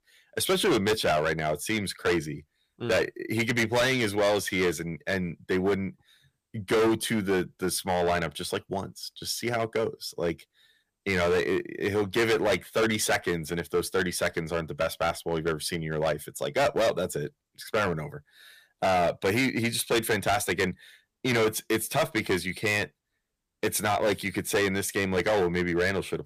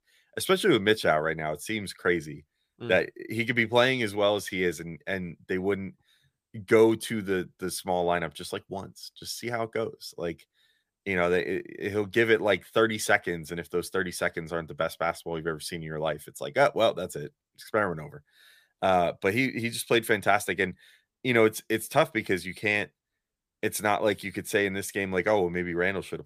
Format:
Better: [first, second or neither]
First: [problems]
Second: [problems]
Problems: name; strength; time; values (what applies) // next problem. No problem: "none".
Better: second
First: distortion; heavy; 10% of the sound clipped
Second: none